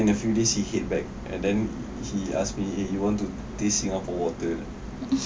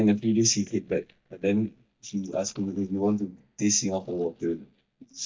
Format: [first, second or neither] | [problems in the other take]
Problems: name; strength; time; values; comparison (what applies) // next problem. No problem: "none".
first | noise reduction (neural mask model DeepFilterNet 3)